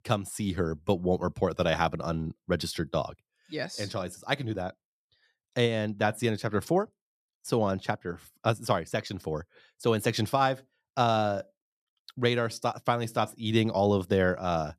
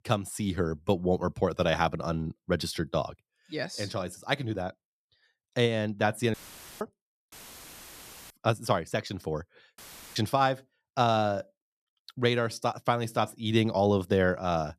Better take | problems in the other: first | audio cutting out; filled with static; at 6.5 s, at 7.5 s for 1 s and at 10 s

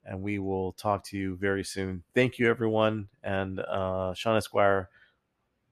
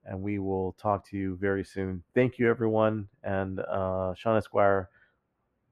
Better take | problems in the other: first | muffled; slightly; fading above 2.5 kHz

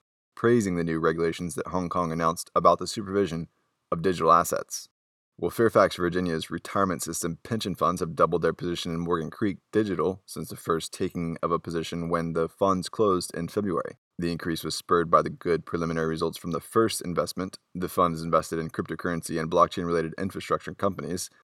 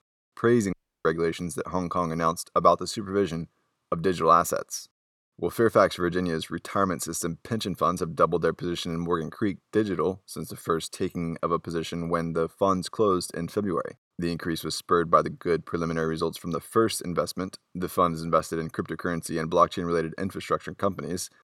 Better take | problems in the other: first | audio cutting out; at 0.5 s

